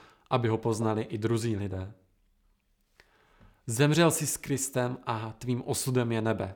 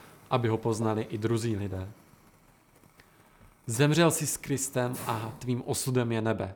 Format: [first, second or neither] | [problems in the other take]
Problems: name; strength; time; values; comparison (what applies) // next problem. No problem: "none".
first | hiss; faint; throughout; 20 dB below the speech